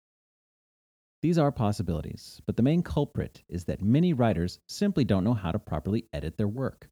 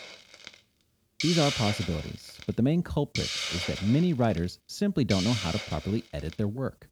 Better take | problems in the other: first | hiss; loud; throughout; 3 dB below the speech

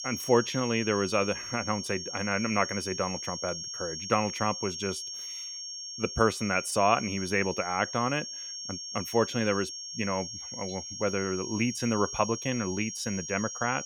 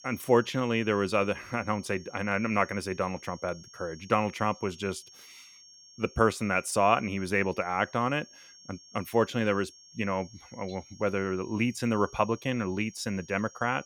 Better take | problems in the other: second | high-pitched whine; loud; throughout; 5.5 kHz, 6 dB below the speech; faint in the second

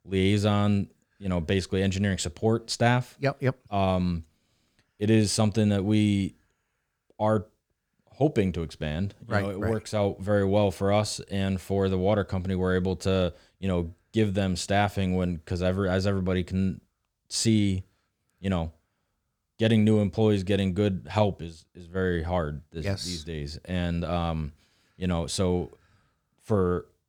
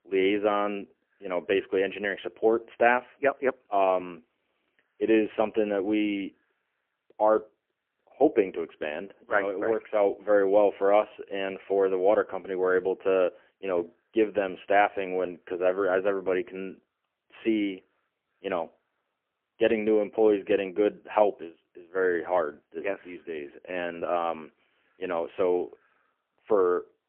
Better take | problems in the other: first | phone-call audio; poor line; nothing above 3 kHz

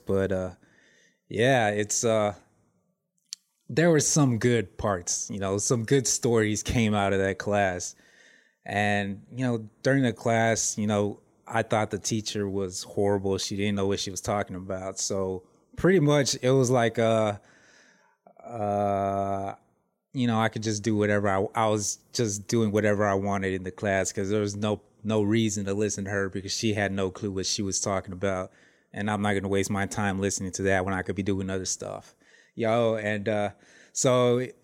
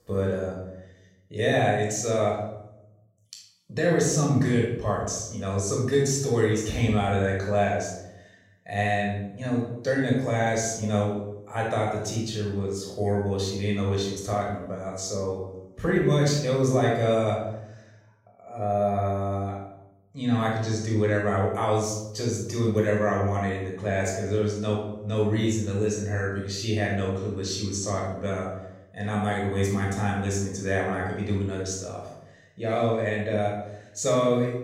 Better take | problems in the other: first | off-mic speech; far // room echo; noticeable; dies away in 0.8 s

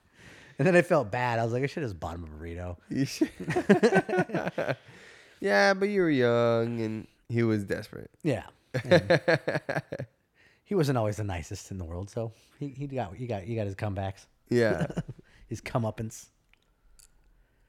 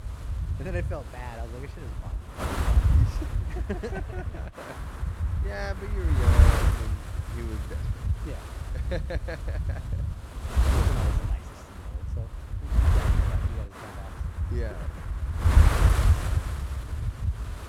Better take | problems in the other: first | wind noise on the microphone; heavy; 4 dB above the speech

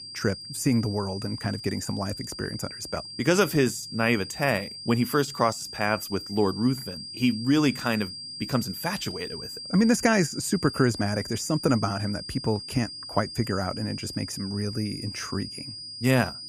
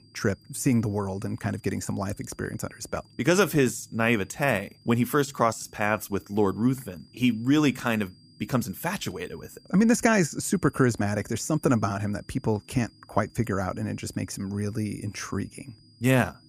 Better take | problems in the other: second | high-pitched whine; loud; throughout; 5 kHz, 9 dB below the speech; faint in the second

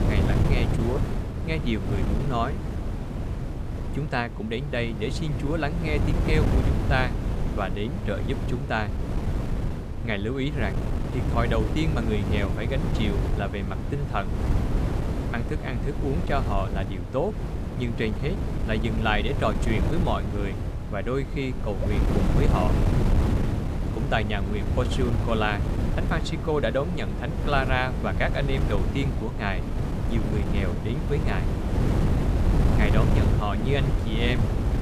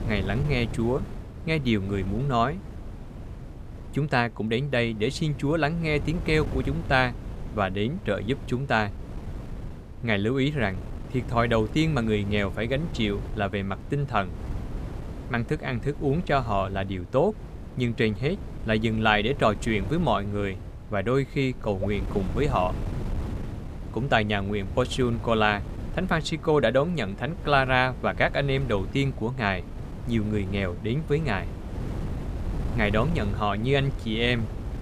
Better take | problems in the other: second | wind noise on the microphone; heavy; 5 dB below the speech; occasional gusts in the second

